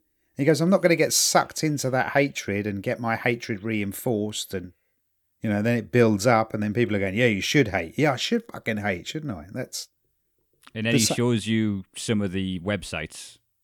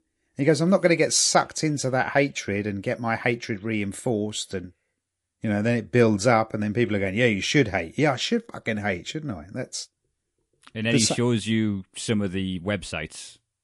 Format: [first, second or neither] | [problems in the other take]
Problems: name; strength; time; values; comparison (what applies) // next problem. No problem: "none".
first | garbled, watery; slightly; nothing above 11 kHz